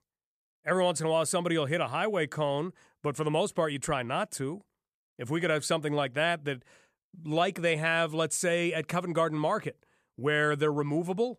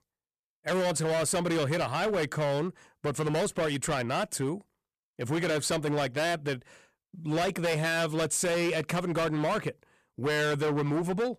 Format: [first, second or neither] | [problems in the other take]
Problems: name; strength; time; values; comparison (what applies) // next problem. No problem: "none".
first | distortion; heavy; 22% of the sound clipped